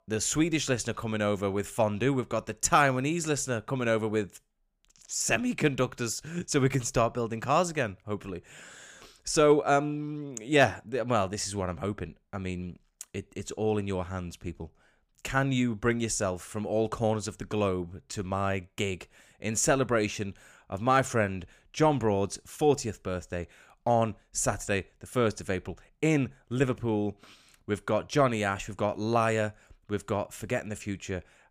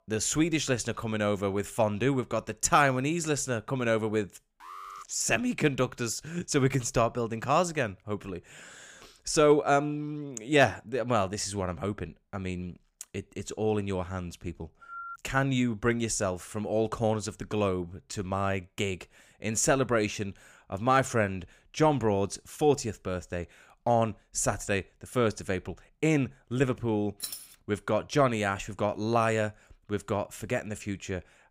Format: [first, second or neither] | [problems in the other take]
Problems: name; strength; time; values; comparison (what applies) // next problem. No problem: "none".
first | alarm; faint; at 4.5 s; peak 15 dB below the speech // phone ringing; faint; at 15 s; peak 10 dB below the speech // jangling keys; noticeable; at 27 s; peak 8 dB below the speech